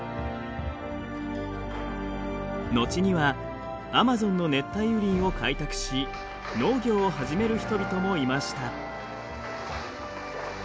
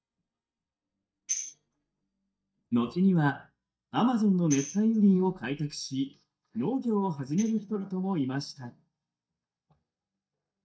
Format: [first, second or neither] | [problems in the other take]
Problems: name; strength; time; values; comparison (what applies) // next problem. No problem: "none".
first | noise reduction (neural mask model DeepFilterNet 3)